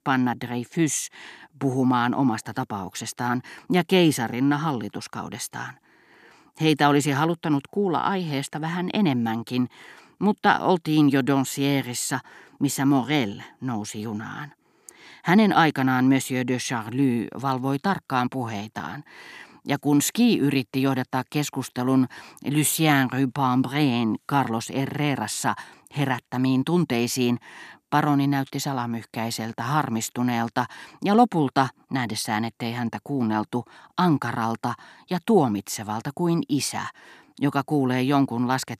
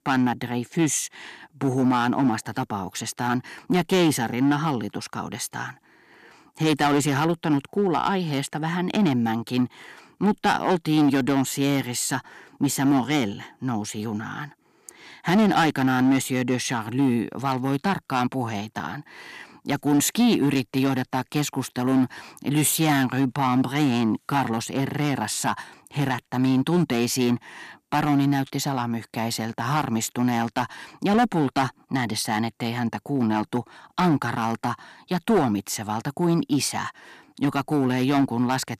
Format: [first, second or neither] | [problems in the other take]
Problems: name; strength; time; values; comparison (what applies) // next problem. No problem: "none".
first | distortion; slight; 5% of the sound clipped